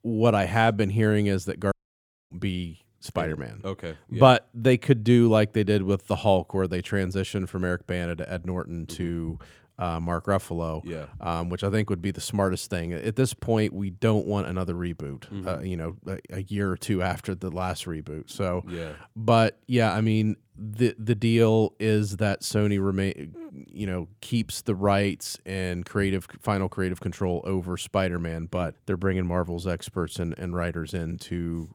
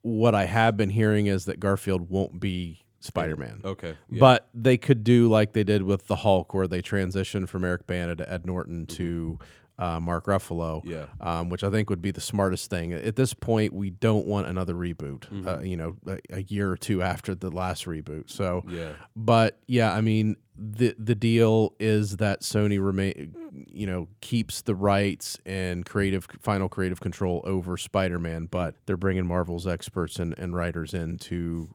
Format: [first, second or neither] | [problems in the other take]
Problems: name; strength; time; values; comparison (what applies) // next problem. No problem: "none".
second | audio cutting out; at 1.5 s for 0.5 s